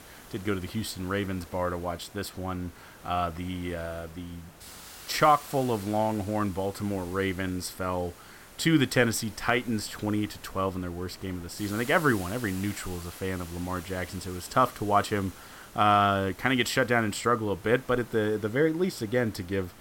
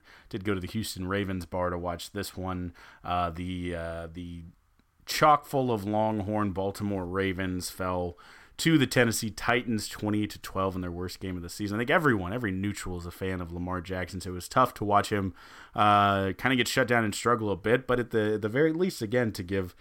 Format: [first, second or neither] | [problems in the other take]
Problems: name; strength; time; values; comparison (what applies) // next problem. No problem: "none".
second | hiss; noticeable; throughout; 20 dB below the speech